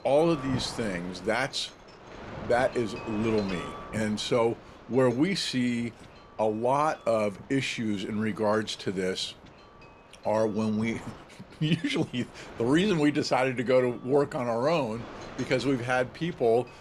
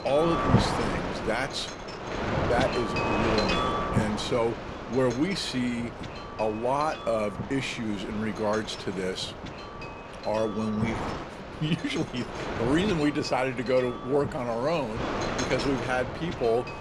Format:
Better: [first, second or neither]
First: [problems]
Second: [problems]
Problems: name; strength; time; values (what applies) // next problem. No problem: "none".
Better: first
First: wind noise on the microphone; occasional gusts; 15 dB below the speech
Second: wind noise on the microphone; heavy; 3 dB below the speech